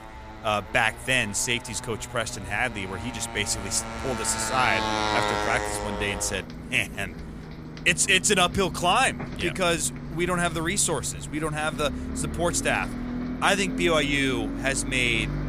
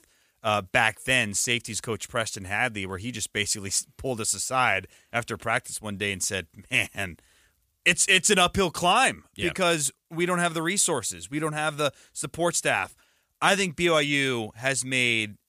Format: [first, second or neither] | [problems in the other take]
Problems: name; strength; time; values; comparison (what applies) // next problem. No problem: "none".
second | traffic noise; loud; throughout; 8 dB below the speech